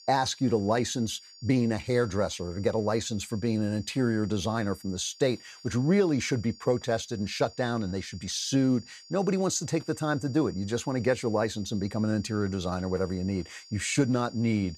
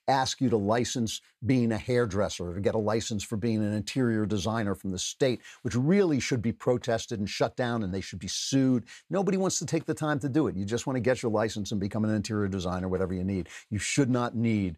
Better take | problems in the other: second | high-pitched whine; faint; throughout; 4.5 kHz, 20 dB below the speech

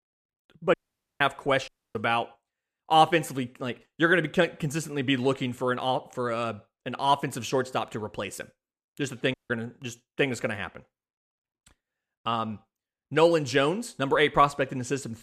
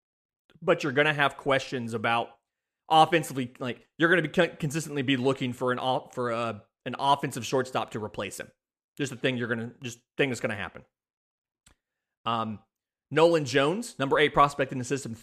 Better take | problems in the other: second | audio cutting out; at 0.5 s, at 1.5 s and at 9.5 s

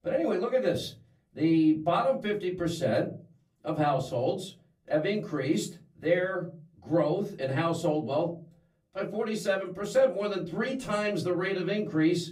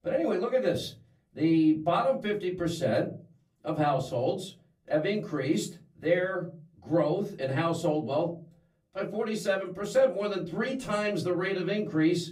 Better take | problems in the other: neither | off-mic speech; far; the same in both // room echo; very slight; dies away in 0.4 s; the same in both

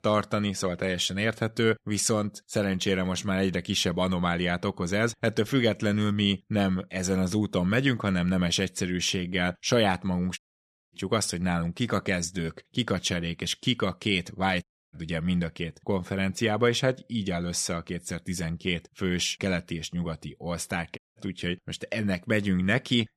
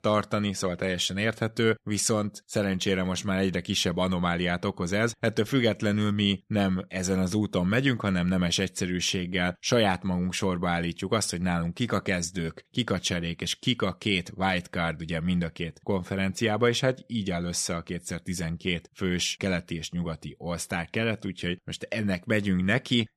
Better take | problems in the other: second | audio cutting out; at 10 s for 0.5 s, at 15 s and at 21 s

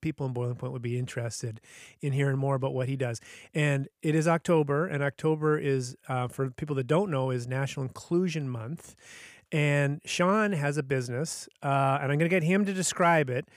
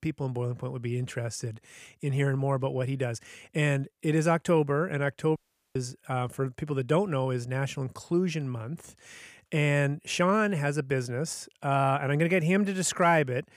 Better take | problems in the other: first | audio cutting out; at 5.5 s

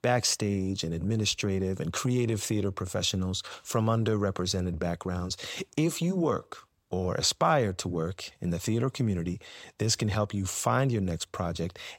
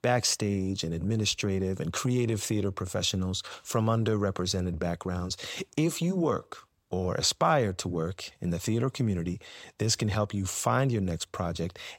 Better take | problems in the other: neither | none

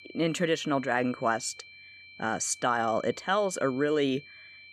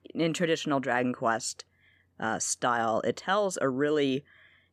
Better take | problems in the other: second | high-pitched whine; noticeable; throughout; 2.5 kHz, 20 dB below the speech

